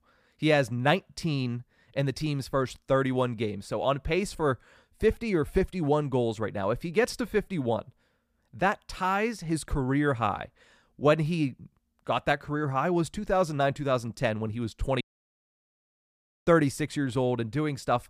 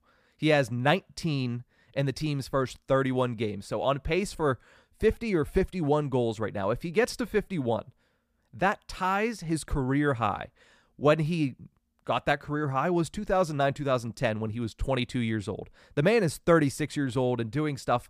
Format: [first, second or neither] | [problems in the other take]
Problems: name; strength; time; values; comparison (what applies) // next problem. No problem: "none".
second | audio cutting out; at 15 s for 1.5 s